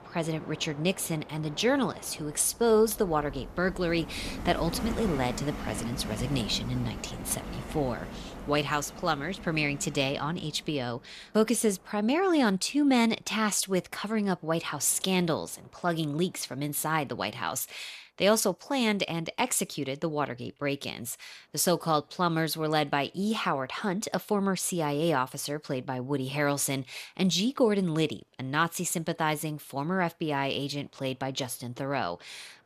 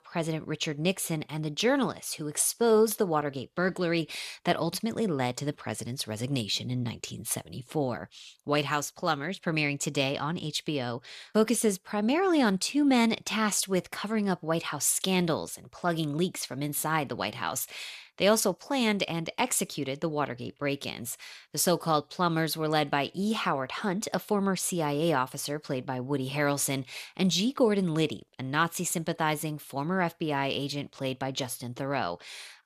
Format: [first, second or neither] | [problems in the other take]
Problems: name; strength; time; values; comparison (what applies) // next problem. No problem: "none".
second | train or aircraft noise; noticeable; throughout; 10 dB below the speech